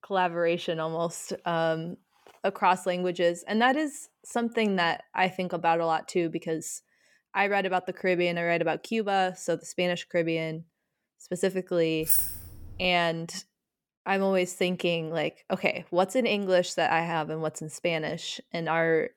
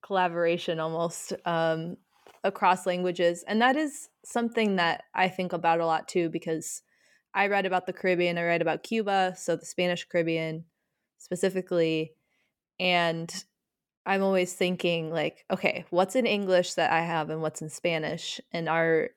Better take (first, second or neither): second